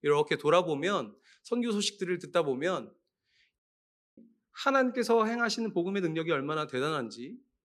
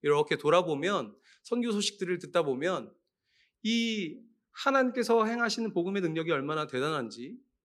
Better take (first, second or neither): second